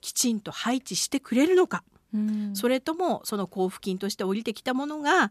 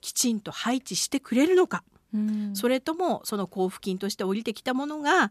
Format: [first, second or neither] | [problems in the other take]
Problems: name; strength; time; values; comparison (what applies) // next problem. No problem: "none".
neither | none